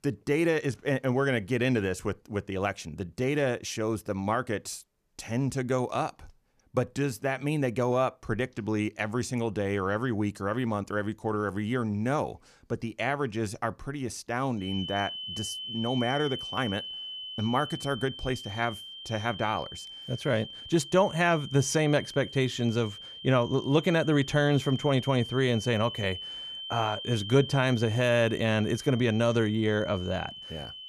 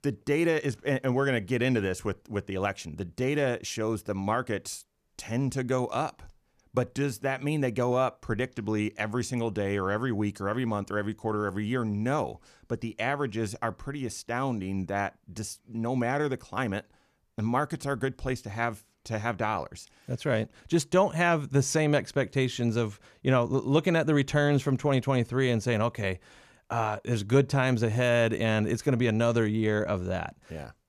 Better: second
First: high-pitched whine; loud; from 15 s on; 3 kHz, 10 dB below the speech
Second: none

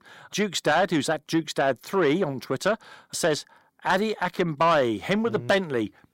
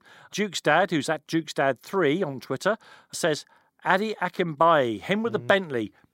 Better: second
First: distortion; slight; 10 dB below the speech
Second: none

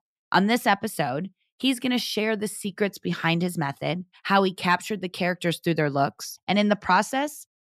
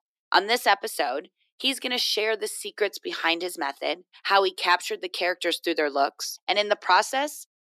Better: first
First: none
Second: thin; very; fading below 300 Hz

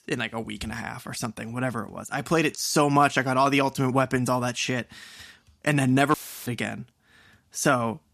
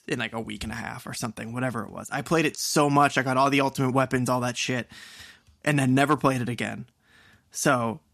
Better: second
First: audio cutting out; filled with static; at 6 s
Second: none

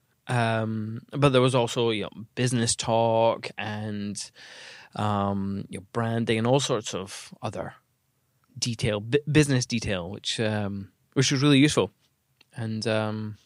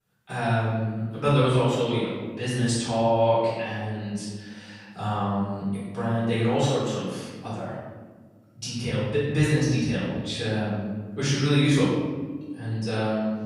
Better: first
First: none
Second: off-mic speech; far // room echo; strong; dies away in 1.4 s

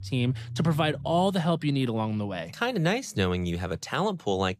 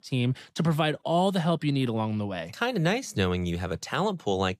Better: second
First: low rumble; faint; throughout; 25 dB below the speech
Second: none

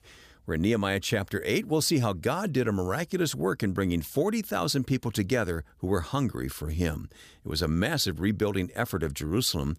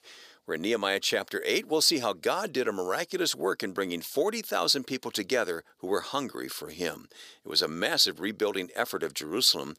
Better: first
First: none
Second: thin; somewhat; fading below 450 Hz

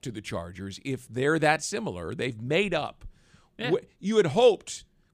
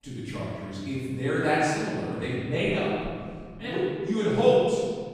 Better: first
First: none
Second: off-mic speech; far // room echo; strong; dies away in 1.9 s

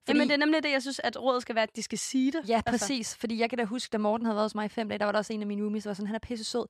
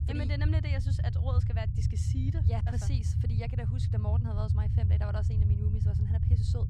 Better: first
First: none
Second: low rumble; loud; throughout; as loud as the speech

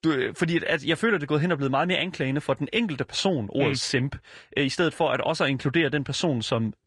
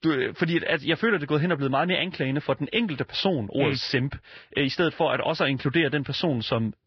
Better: first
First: garbled, watery; slightly; nothing above 10.5 kHz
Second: garbled, watery; badly; nothing above 5.5 kHz

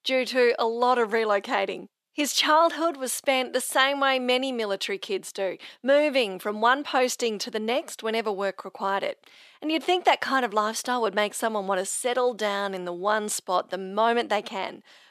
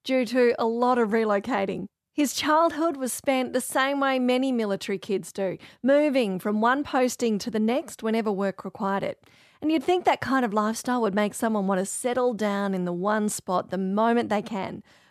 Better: second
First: thin; somewhat; fading below 400 Hz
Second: none

